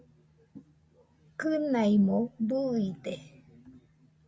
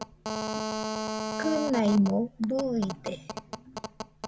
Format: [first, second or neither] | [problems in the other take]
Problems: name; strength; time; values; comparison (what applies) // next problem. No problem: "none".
first | background sound (Telephone); 5 dB below the speech